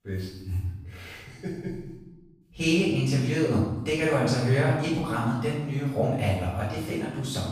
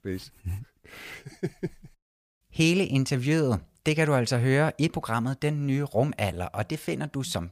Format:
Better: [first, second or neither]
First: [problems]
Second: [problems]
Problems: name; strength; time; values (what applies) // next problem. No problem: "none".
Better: second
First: off-mic speech; far // room echo; noticeable; dies away in 0.9 s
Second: none